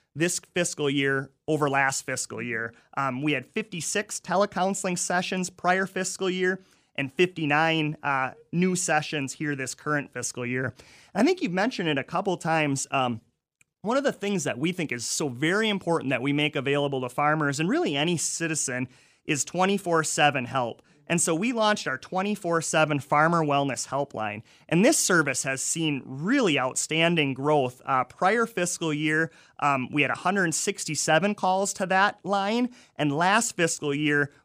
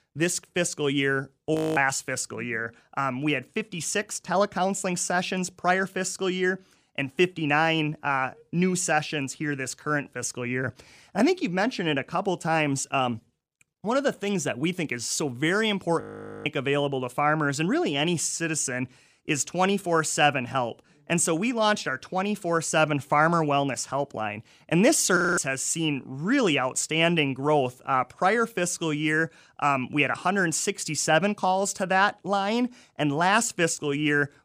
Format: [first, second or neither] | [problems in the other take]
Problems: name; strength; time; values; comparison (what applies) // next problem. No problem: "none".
first | audio freezing; at 1.5 s, at 16 s and at 25 s